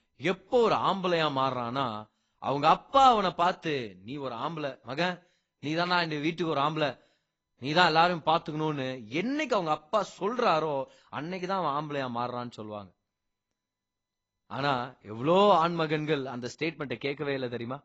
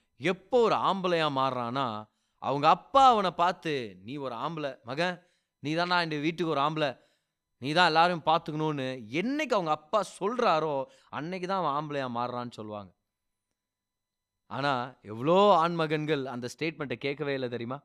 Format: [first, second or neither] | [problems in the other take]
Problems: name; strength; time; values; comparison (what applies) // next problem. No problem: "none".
second | garbled, watery; badly; nothing above 7.5 kHz